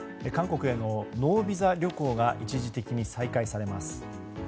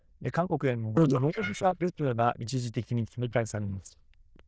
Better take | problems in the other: first | noise reduction (neural diffusion model UNIVERSE++)

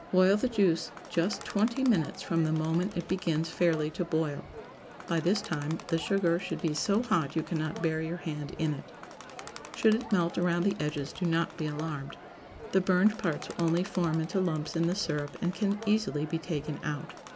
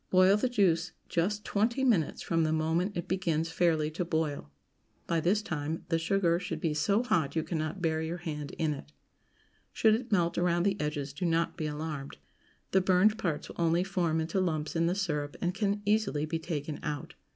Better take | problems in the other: second | background sound (Crowd); 16 dB below the speech

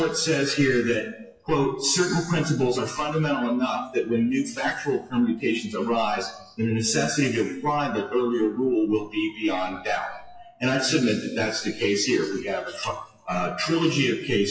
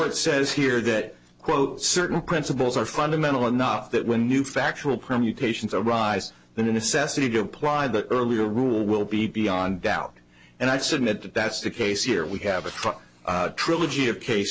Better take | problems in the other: second | noise reduction (classical method WPE with log-MMSE)

